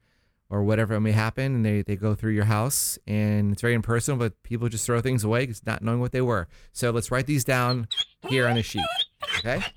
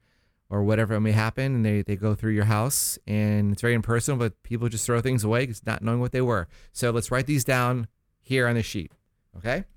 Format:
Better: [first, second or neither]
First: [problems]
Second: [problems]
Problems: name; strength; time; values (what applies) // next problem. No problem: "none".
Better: second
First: dog barking; noticeable; from 7.5 s on; peak 1 dB below the speech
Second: none